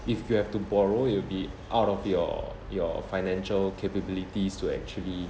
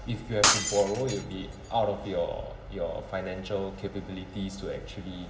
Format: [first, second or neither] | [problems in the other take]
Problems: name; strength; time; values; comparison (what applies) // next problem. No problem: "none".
first | background sound (Shatter); 2 dB above the speech // room echo; dies away in 2.6 s